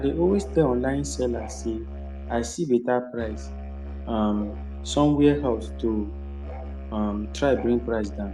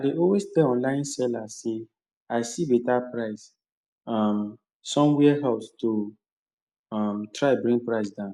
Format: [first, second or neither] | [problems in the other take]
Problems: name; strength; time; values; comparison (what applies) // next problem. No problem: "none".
second | background sound (Musical instrument); 9 dB below the speech